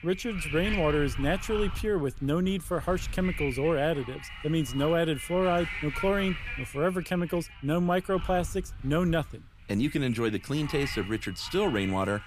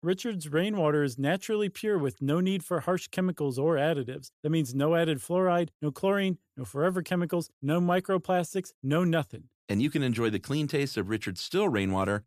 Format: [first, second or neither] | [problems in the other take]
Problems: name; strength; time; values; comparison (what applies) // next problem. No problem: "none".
second | wind noise on the microphone; heavy; 7 dB below the speech